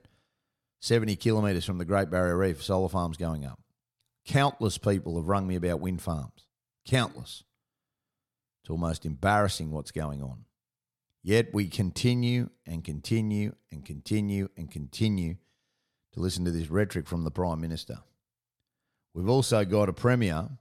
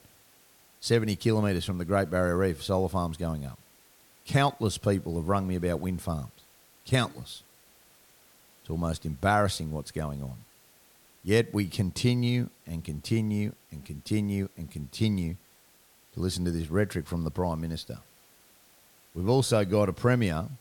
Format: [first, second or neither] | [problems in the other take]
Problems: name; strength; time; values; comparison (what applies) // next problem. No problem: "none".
first | hiss; faint; throughout; 30 dB below the speech